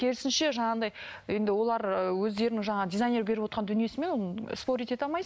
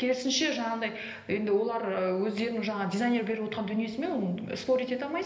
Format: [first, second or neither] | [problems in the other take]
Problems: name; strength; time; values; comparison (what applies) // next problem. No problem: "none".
first | room echo; dies away in 1.4 s